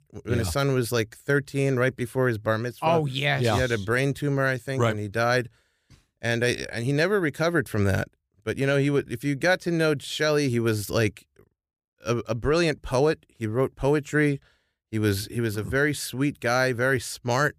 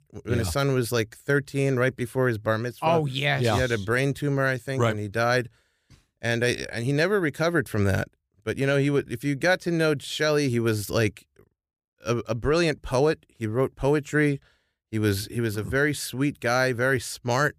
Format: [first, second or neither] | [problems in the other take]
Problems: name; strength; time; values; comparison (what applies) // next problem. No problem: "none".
neither | none